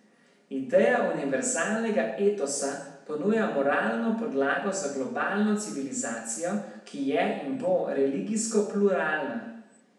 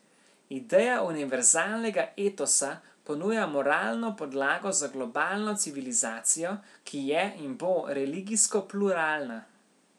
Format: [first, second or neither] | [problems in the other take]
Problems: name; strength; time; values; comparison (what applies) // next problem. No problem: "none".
second | room echo; dies away in 0.8 s